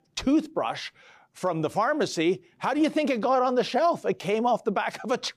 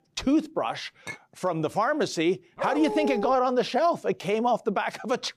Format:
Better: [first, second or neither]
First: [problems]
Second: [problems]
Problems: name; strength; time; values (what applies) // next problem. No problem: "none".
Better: first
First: none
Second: clattering dishes; faint; at 1 s; peak 15 dB below the speech // dog barking; noticeable; at 2.5 s; peak 4 dB below the speech